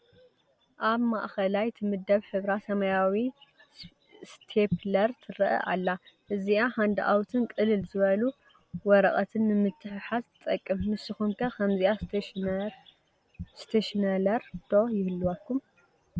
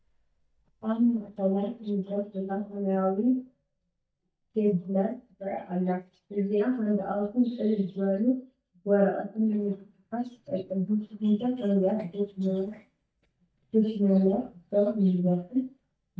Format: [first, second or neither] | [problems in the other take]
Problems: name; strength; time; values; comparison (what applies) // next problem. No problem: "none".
first | noise reduction (neural mask model DeepFilterNet 3)